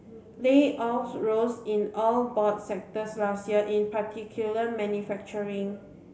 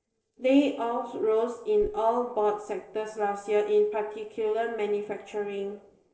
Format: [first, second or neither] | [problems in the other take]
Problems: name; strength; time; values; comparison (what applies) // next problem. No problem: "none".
first | noise reduction (neural separator model SepFormer DNS4)